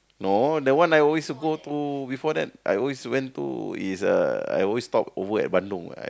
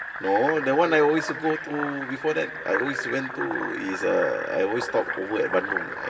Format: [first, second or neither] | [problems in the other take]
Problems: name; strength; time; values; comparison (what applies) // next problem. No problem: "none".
first | background sound (Fill (with liquid)); 6 dB below the speech // room echo; dies away in 2.8 s